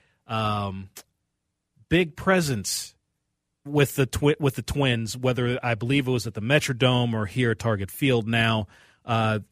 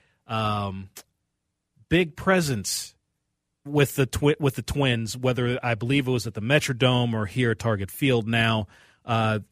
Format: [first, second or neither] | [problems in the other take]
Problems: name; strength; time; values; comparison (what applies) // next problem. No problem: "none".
neither | none